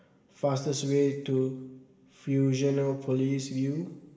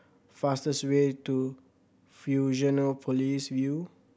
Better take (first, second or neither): second